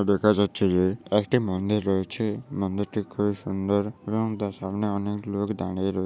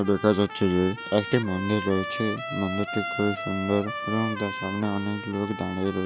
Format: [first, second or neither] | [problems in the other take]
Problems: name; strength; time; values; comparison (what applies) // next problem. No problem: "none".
first | background sound (Trumpet); 8 dB below the speech